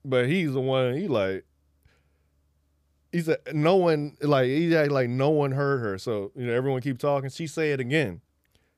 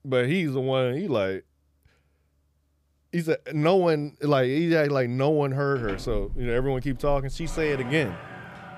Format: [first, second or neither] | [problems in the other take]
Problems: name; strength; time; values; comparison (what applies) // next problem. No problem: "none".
first | household noises; noticeable; from 6 s on; 15 dB below the speech